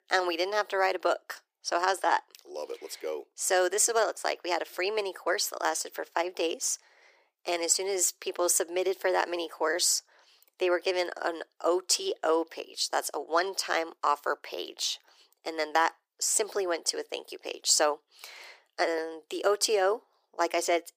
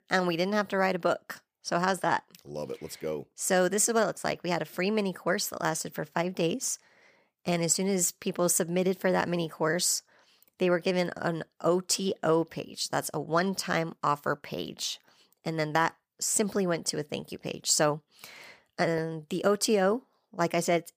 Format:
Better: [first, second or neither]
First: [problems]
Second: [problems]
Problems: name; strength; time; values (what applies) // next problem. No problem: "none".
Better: second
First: thin; very; fading below 350 Hz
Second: none